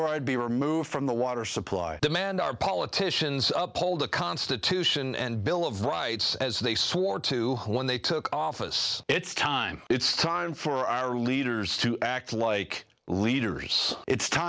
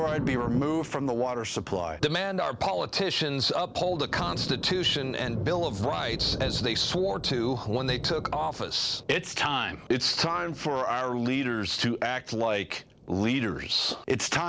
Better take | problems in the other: first | background sound (Thunder); 11 dB below the speech

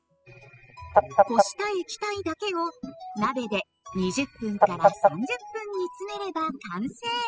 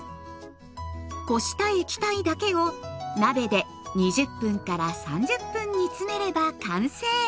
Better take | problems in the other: second | noise reduction (classical method spectral subtraction)

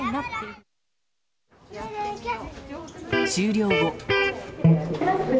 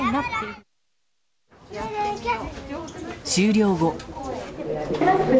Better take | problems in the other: second | background sound (Electric guitar); 5 dB above the speech

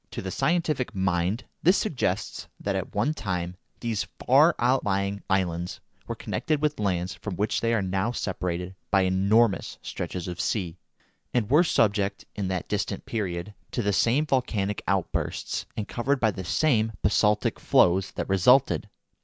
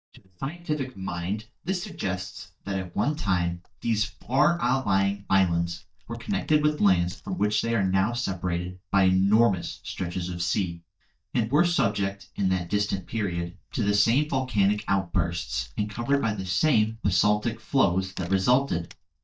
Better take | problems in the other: first | noise reduction (neural mask model DeepFilterNet 3)

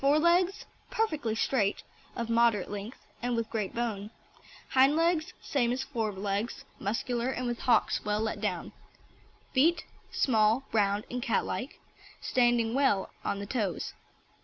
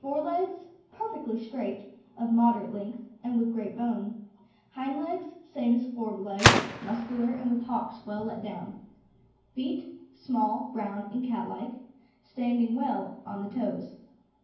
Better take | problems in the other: first | background sound (Gunshot, gunfire); 1 dB above the speech // room echo; dies away in 0.9 s

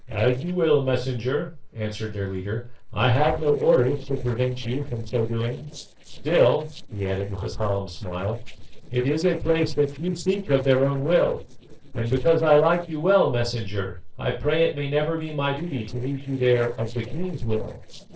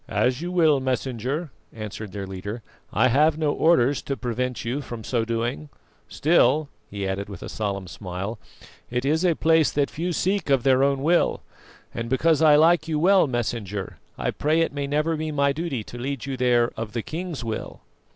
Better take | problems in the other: second | noise reduction (neural separator model SepFormer DNS4)

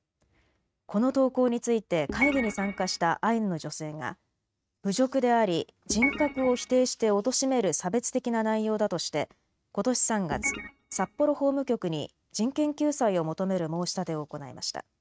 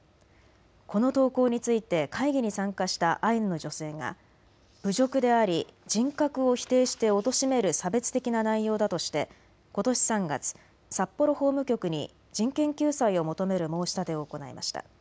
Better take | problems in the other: second | noise reduction (neural mask model RNNoise)

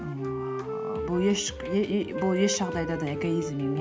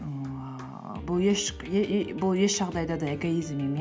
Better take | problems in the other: second | background sound (Wind instrument, woodwind instrument); 6 dB below the speech

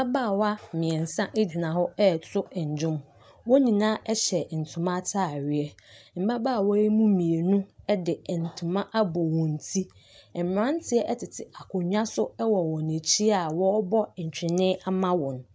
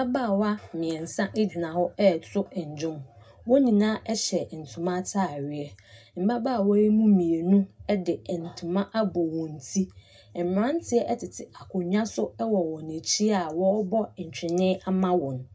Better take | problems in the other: first | room echo; dies away in 0.2 s

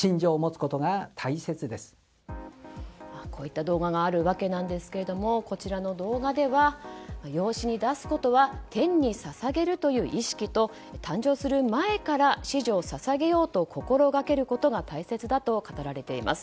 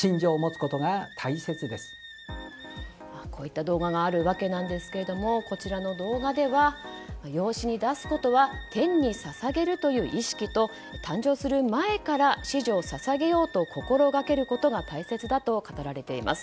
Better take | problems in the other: first | background sound (Wind instrument, woodwind instrument); 19 dB below the speech

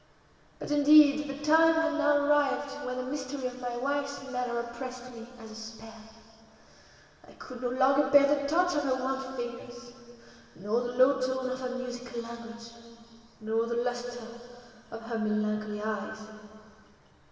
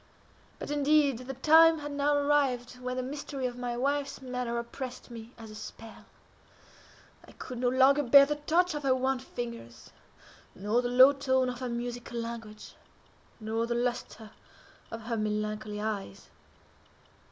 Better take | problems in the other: second | room echo; dies away in 2.4 s

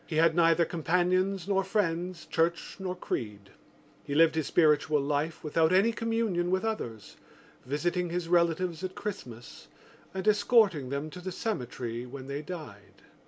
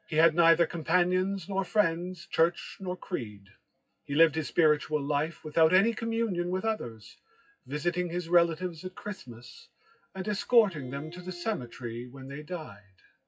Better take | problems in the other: first | noise reduction (classical method WPE with log-MMSE)

